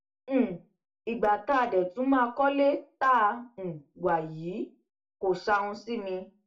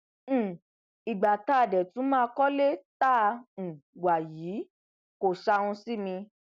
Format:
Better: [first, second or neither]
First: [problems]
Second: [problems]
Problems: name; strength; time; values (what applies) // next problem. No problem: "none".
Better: second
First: room echo; dies away in 0.2 s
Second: none